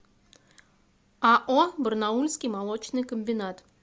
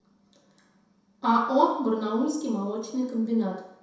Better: first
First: none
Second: room echo; dies away in 0.7 s

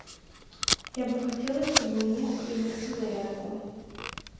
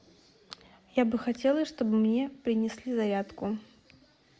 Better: second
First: background sound (Packing tape, duct tape); 3 dB below the speech // room echo; dies away in 1.2 s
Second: none

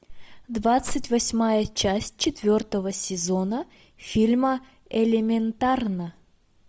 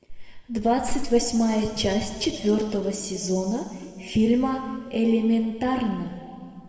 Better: first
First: none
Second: room echo; dies away in 1.8 s

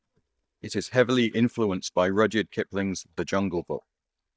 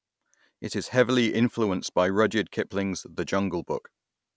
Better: second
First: noise reduction (neural mask model DeepFilterNet 3)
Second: none

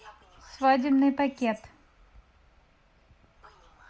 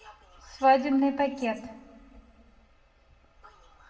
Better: first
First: none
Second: room echo; dies away in 1 s

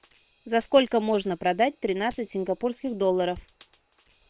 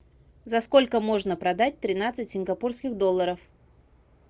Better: second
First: noise reduction (neural separator model SepFormer WHAM!)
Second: none

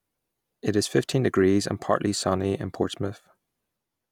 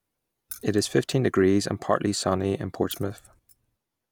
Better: first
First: none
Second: background sound (Keys jangling); 20 dB below the speech

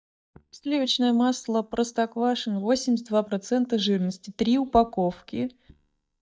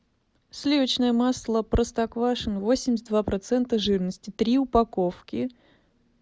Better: second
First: noise reduction (neural mask model DeepFilterNet 3)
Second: none

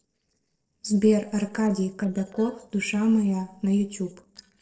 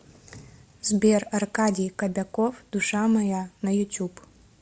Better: second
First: noise reduction (neural separator model SepFormer DNS4)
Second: none

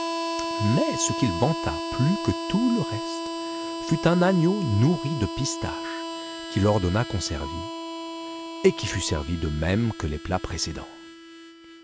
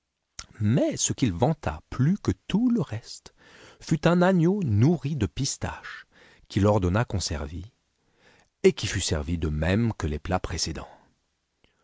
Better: second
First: background sound (Harmonica); 7 dB below the speech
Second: none

